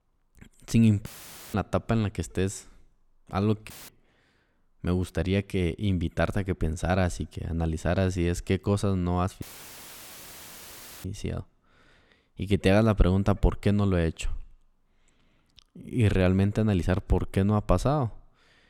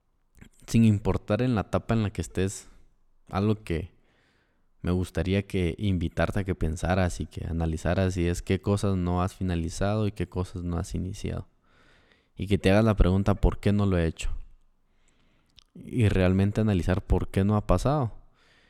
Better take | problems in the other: second | audio cutting out; filled with static; at 1 s, at 3.5 s and at 9.5 s for 1.5 s

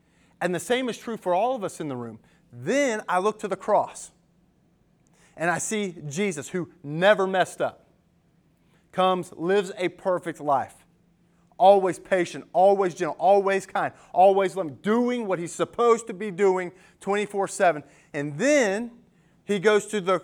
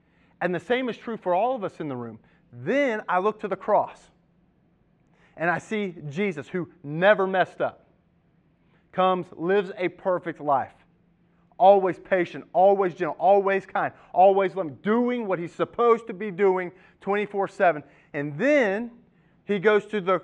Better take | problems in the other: first | muffled; very; fading above 2.5 kHz

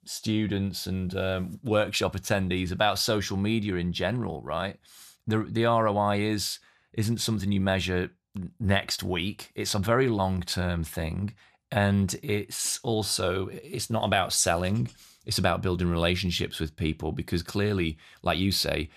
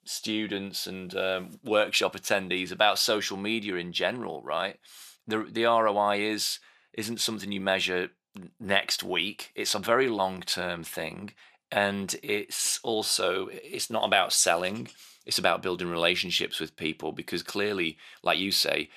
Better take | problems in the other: first | thin; somewhat; fading below 300 Hz

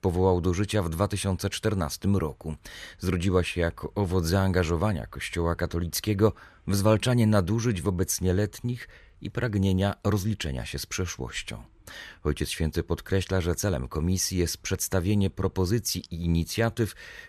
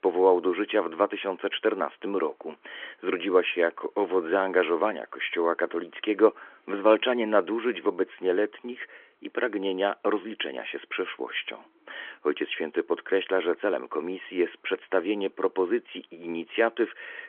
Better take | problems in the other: first | phone-call audio; nothing above 3.5 kHz

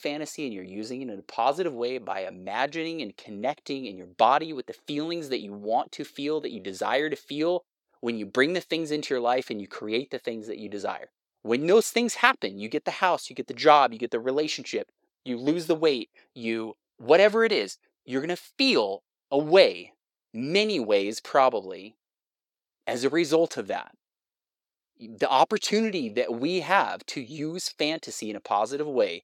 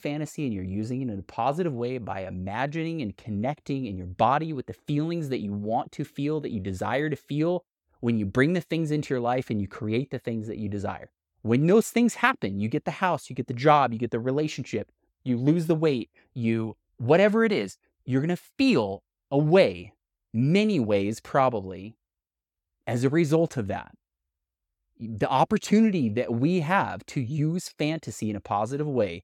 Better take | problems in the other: second | thin; somewhat; fading below 400 Hz

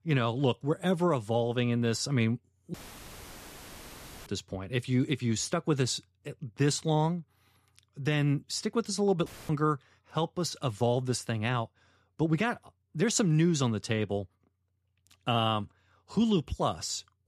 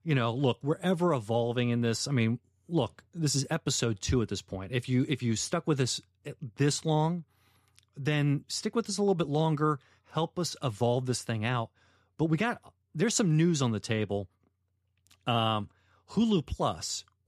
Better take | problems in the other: second | audio cutting out; filled with static; at 2.5 s for 1.5 s and at 9.5 s

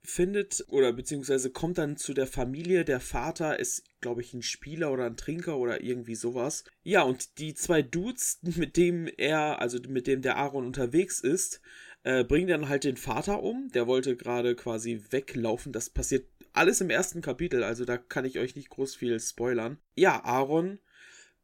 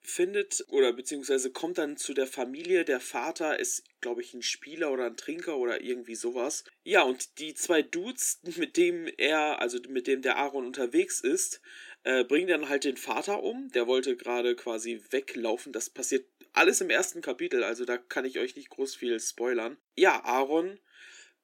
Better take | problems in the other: first | thin; very slightly; fading below 250 Hz

